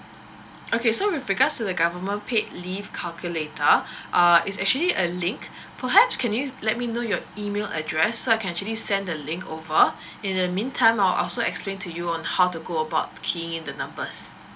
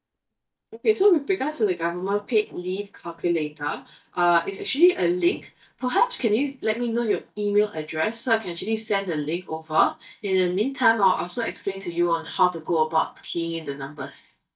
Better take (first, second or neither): first